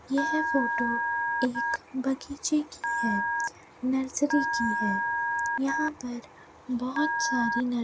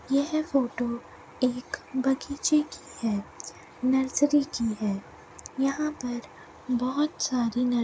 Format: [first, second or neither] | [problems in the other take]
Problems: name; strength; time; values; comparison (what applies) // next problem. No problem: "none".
second | background sound (Telephone); as loud as the speech